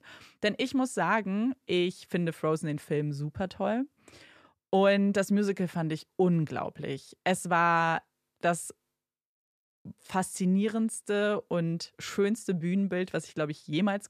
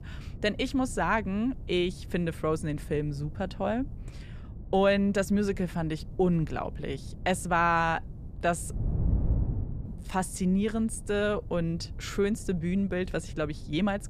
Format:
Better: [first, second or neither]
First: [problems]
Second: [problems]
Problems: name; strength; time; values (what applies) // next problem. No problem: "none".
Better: first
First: none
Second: wind noise on the microphone; occasional gusts; 20 dB below the speech